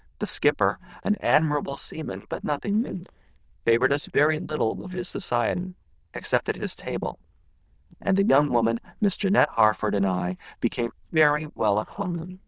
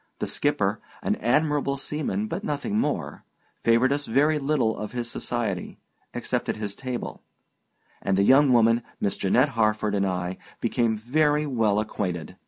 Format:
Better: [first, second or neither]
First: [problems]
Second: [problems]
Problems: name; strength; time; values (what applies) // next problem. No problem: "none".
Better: second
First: noise reduction (neural diffusion model UNIVERSE++)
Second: none